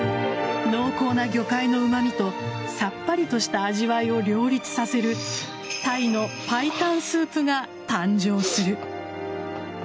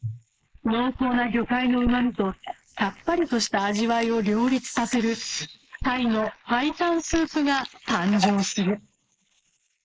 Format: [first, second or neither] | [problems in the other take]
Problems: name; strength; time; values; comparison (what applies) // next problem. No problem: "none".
first | noise reduction (neural mask model Resemble Enhance denoiser)